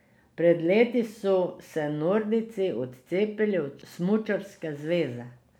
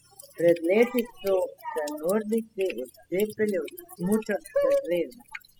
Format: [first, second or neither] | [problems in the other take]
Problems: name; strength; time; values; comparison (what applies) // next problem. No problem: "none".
first | noise reduction (classical method spectral subtraction)